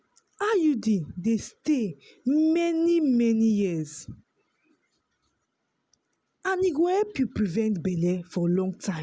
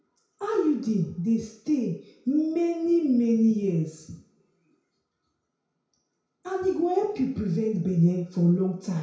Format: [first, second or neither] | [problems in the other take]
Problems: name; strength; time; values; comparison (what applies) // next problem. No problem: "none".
first | room echo; dies away in 0.6 s